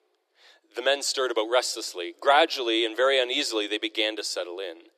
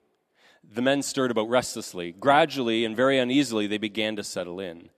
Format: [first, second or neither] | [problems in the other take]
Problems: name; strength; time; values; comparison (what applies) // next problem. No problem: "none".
second | thin; very; fading below 350 Hz